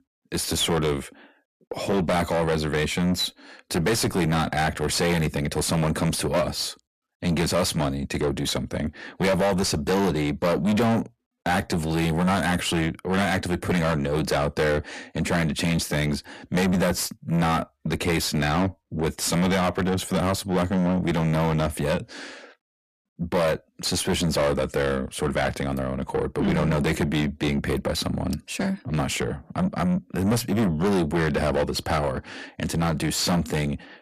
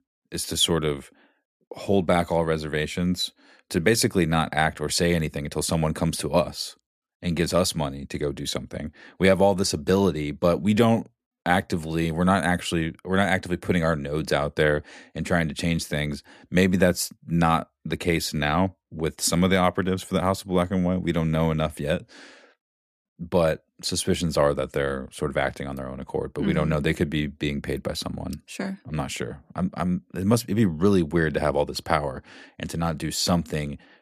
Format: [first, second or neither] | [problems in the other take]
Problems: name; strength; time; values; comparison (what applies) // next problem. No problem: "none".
second | distortion; heavy; 6 dB below the speech